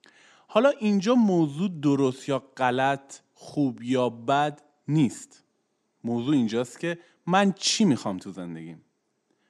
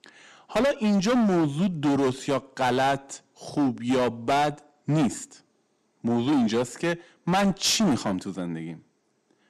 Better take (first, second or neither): first